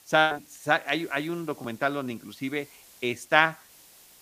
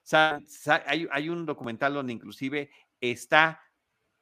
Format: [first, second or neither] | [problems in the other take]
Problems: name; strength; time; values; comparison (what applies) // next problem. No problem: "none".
second | hiss; faint; throughout; 25 dB below the speech